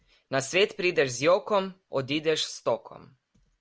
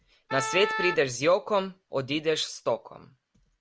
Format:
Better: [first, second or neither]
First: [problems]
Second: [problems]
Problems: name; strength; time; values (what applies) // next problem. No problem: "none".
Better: first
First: none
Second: background sound (Wind instrument, woodwind instrument); 5 dB below the speech